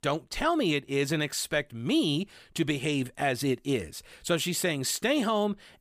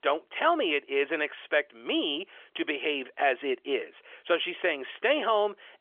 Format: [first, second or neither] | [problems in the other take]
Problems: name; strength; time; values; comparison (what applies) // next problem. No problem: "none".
first | phone-call audio; nothing above 3.5 kHz